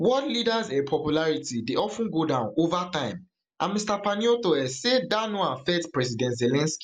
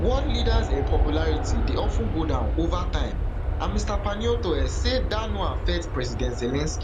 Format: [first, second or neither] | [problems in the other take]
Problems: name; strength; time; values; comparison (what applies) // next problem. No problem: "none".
first | background sound (Aircraft); 4 dB above the speech